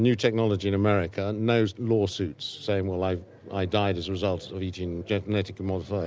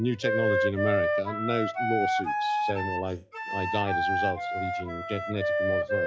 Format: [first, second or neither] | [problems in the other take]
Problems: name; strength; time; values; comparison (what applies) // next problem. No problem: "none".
first | noise reduction (classical method log-MMSE)